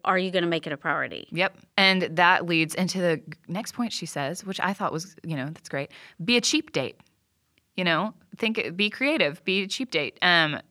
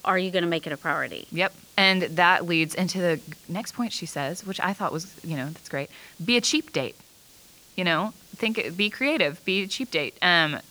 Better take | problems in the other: first | hiss; faint; throughout; 25 dB below the speech

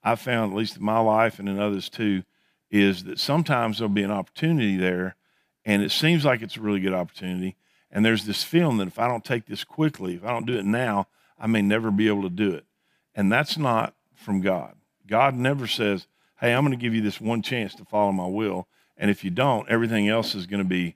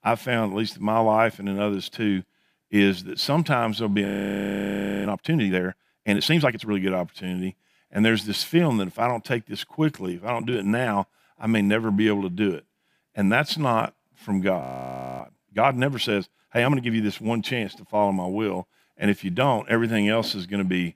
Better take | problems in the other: first | audio freezing; at 4 s for 1 s and at 15 s for 0.5 s

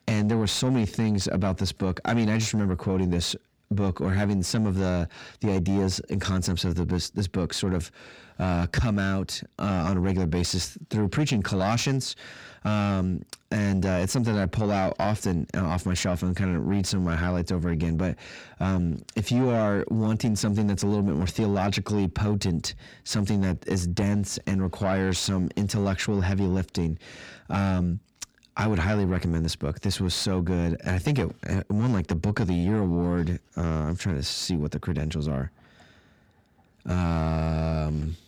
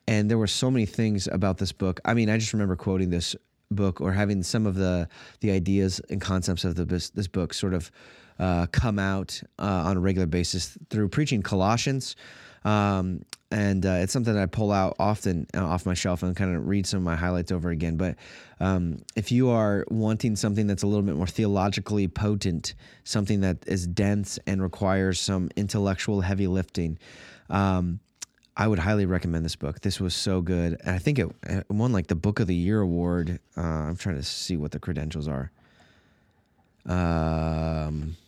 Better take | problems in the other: second | distortion; slight; 10 dB below the speech

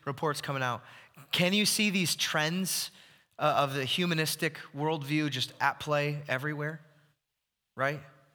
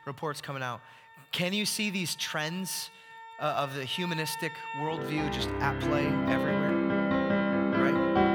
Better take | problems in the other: first | background music; very loud; throughout; 3 dB above the speech

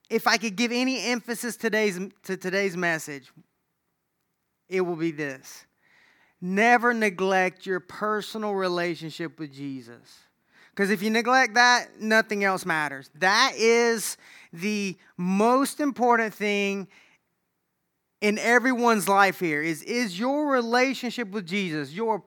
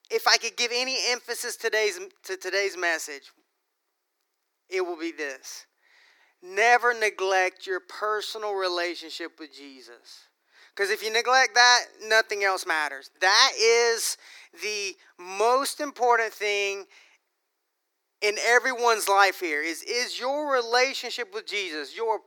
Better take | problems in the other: first | thin; very; fading below 350 Hz

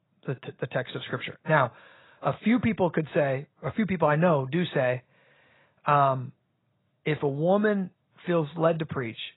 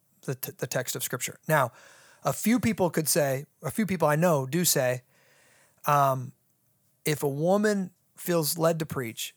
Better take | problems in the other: second | garbled, watery; badly; nothing above 4 kHz

